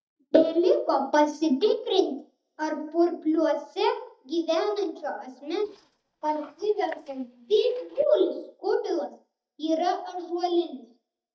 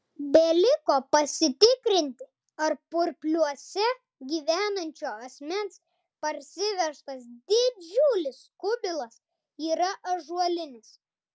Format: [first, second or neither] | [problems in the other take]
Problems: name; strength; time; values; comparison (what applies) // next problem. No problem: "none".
second | noise reduction (neural mask model DeepFilterNet 3)